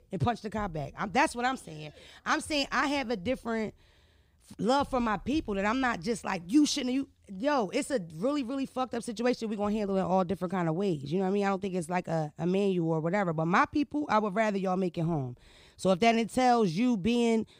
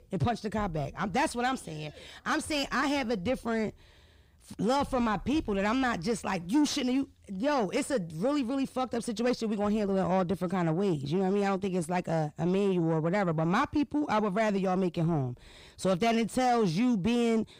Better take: first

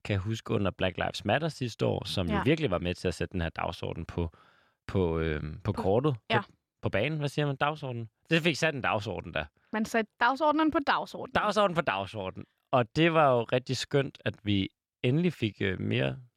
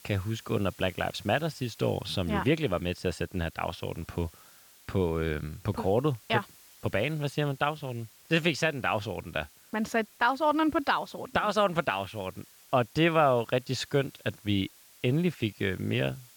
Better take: first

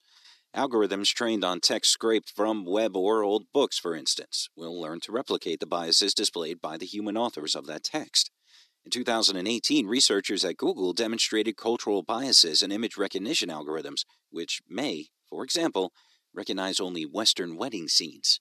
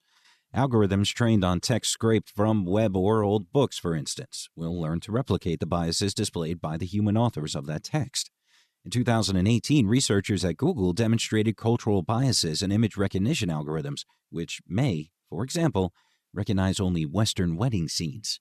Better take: second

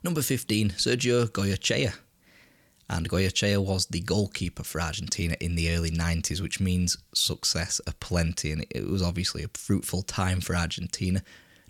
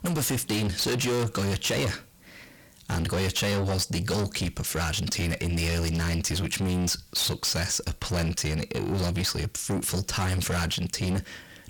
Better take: first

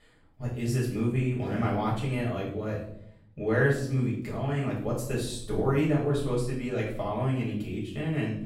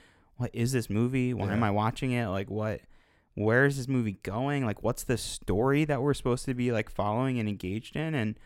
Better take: second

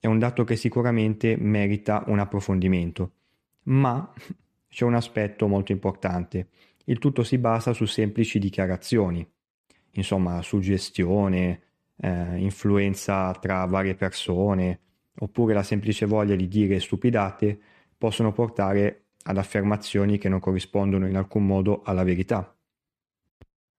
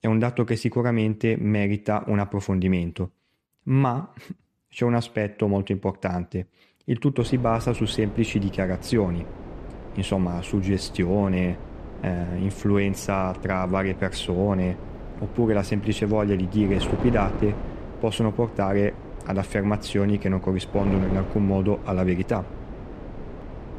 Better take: first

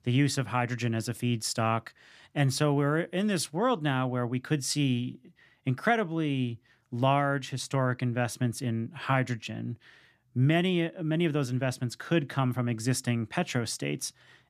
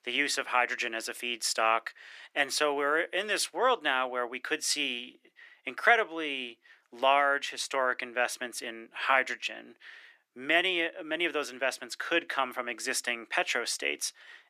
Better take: first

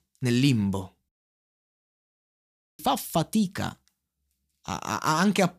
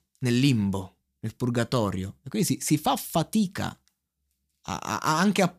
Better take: second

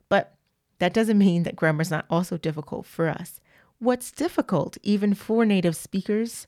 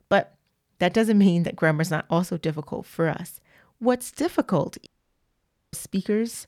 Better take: first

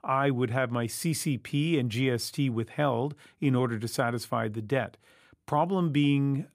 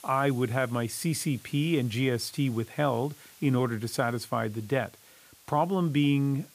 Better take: first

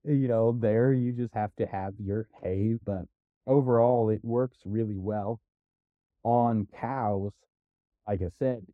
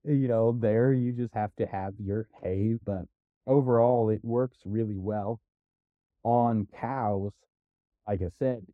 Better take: neither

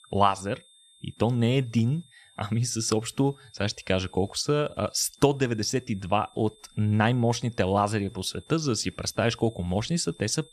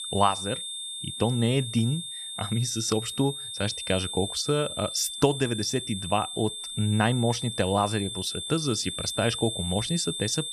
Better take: first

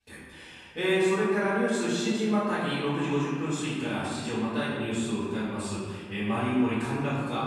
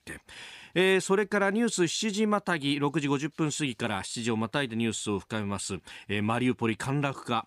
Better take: second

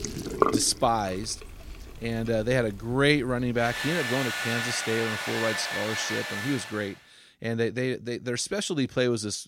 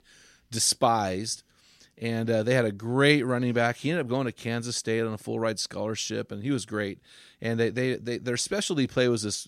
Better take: second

